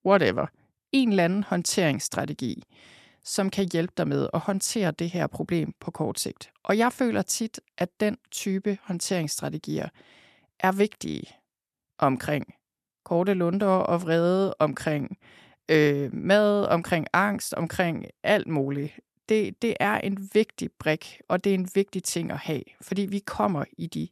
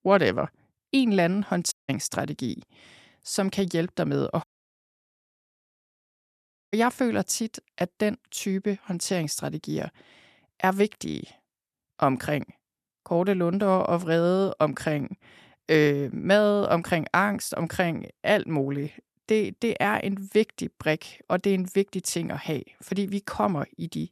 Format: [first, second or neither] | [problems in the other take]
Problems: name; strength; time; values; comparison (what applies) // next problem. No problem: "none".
first | audio cutting out; at 1.5 s and at 4.5 s for 2.5 s